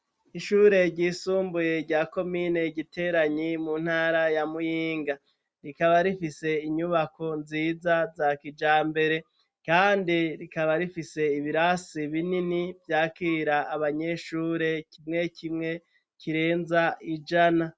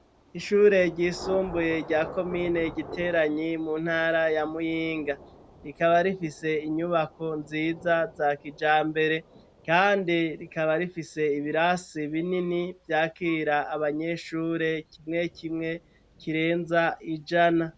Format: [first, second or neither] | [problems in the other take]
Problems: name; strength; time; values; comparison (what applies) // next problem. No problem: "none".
first | background sound (Thunder / Rain); 20 dB below the speech